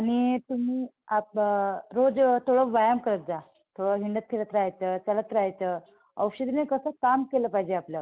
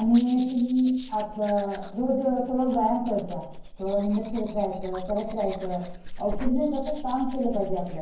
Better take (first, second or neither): first